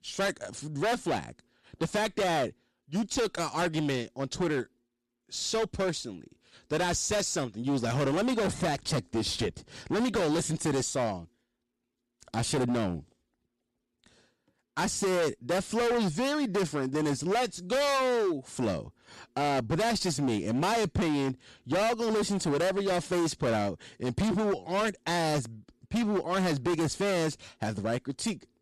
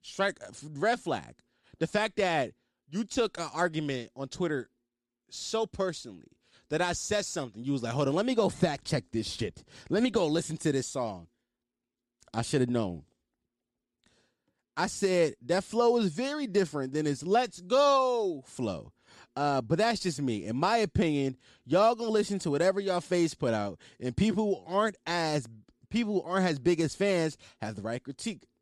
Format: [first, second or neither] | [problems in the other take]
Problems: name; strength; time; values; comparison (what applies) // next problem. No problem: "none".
second | distortion; heavy; 20% of the sound clipped